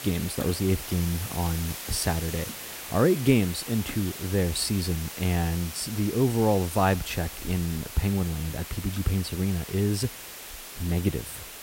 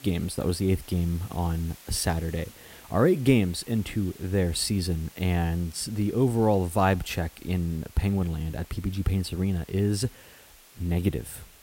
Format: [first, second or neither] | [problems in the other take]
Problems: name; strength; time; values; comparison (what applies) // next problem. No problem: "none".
second | hiss; loud; throughout; 9 dB below the speech; faint in the second